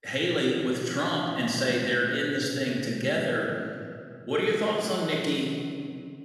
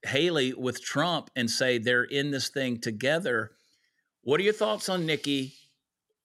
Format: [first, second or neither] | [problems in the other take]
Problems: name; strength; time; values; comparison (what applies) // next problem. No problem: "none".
second | room echo; strong; dies away in 2.1 s // off-mic speech; far